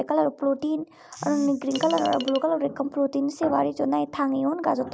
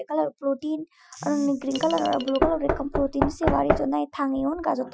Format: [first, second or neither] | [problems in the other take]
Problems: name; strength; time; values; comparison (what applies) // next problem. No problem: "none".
first | noise reduction (classical method Wiener filter)